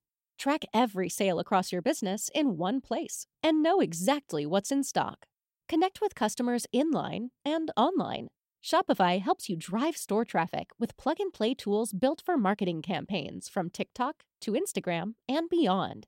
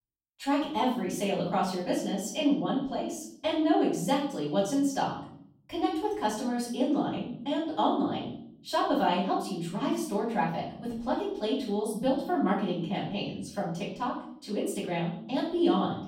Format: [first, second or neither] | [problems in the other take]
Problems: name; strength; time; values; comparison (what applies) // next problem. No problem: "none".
first | off-mic speech; far // room echo; noticeable; dies away in 0.7 s